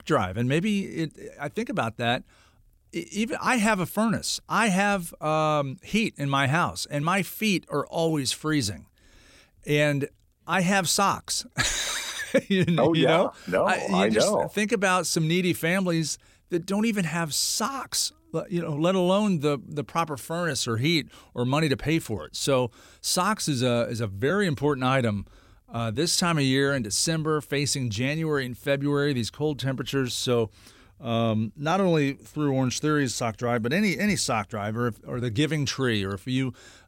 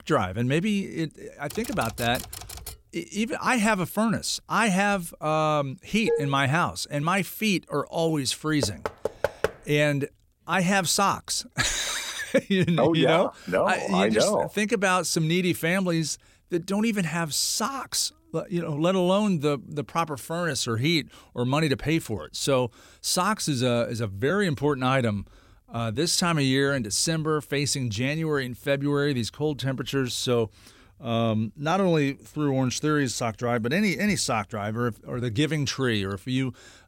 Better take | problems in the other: first | keyboard typing; faint; from 1.5 to 3 s; peak 10 dB below the speech // clattering dishes; noticeable; at 6 s; peak 3 dB below the speech // door banging; noticeable; at 8.5 s; peak 4 dB below the speech

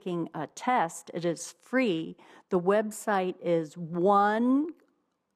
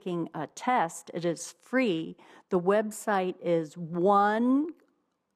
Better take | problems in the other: neither | muffled; slightly; fading above 1.5 kHz; the same in both

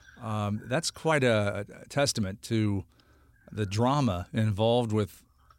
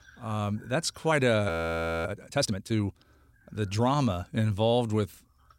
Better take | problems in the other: first | audio freezing; at 1.5 s for 0.5 s

